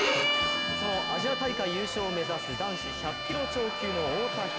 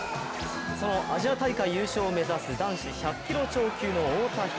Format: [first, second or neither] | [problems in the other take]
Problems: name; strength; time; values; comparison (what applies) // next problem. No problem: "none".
second | background sound (Bowed string instrument); as loud as the speech